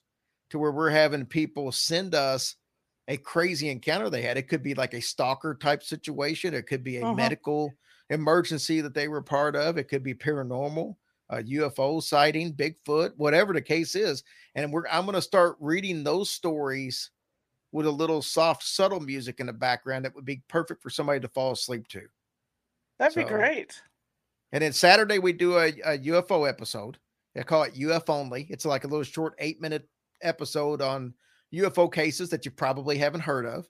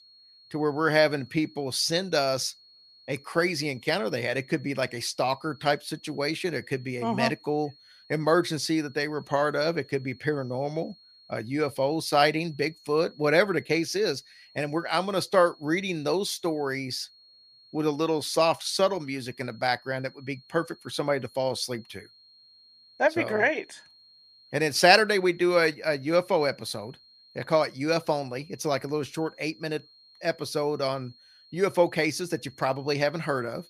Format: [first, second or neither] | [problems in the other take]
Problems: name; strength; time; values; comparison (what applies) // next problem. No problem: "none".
first | high-pitched whine; faint; throughout; 4.5 kHz, 25 dB below the speech